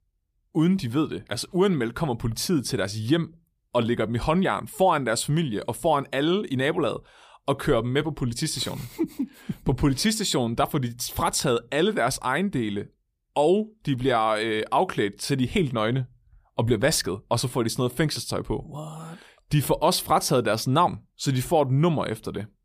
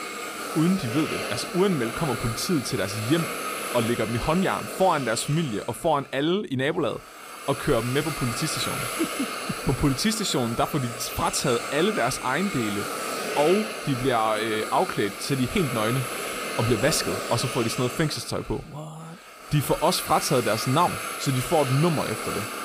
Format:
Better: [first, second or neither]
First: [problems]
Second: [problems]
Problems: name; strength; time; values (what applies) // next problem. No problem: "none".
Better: first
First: none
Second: hiss; loud; throughout; 6 dB below the speech